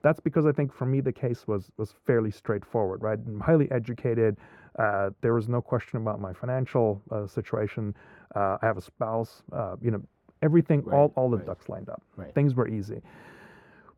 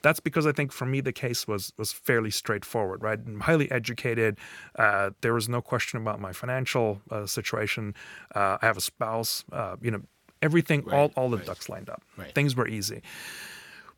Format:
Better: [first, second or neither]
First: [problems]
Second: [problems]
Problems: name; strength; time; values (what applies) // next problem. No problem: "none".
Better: second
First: muffled; very; fading above 2 kHz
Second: none